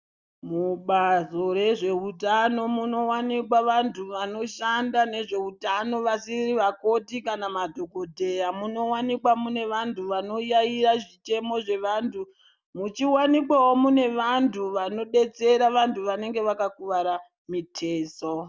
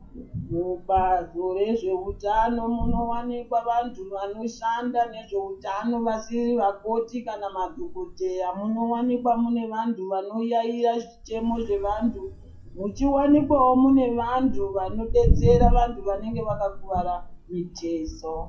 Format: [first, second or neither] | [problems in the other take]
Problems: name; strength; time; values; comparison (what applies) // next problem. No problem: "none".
first | noise reduction (classical method WPE with log-MMSE)